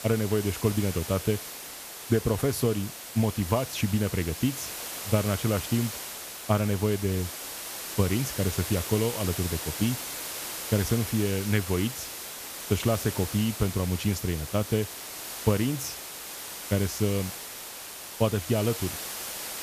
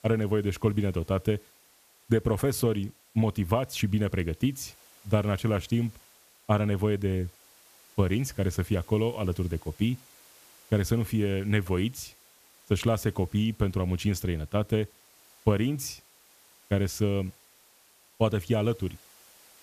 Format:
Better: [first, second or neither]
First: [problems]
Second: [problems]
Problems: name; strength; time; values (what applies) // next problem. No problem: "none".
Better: second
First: hiss; loud; throughout; 7 dB below the speech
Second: hiss; faint; throughout; 25 dB below the speech